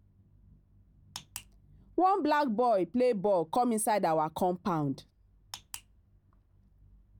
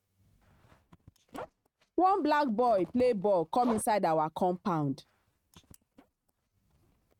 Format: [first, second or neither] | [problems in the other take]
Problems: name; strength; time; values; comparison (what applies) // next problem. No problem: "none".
first | noise reduction (neural mask model RNNoise)